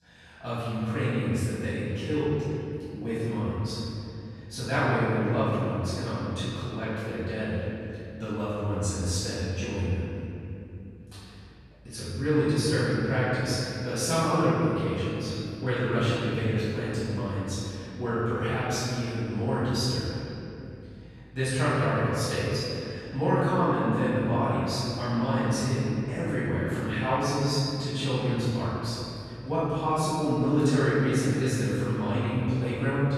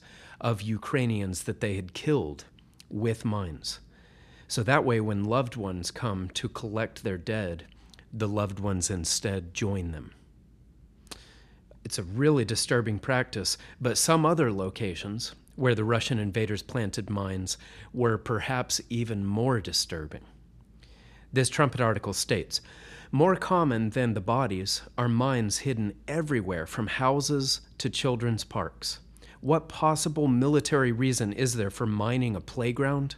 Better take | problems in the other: second | off-mic speech; far // room echo; strong; dies away in 2.9 s

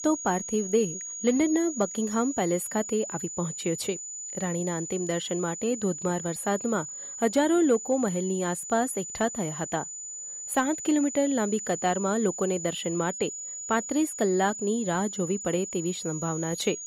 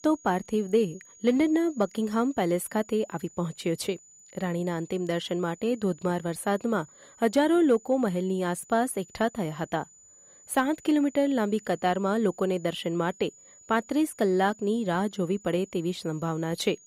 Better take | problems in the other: second | high-pitched whine; loud; throughout; 7 kHz, 7 dB below the speech; faint in the second

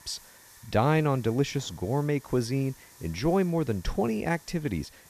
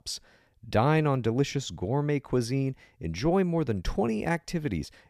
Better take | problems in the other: second | hiss; faint; throughout; 25 dB below the speech

